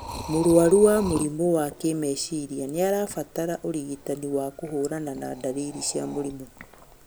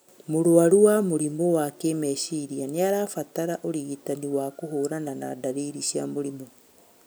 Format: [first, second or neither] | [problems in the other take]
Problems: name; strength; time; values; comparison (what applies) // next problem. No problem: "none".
second | background sound (Liquid); 16 dB below the speech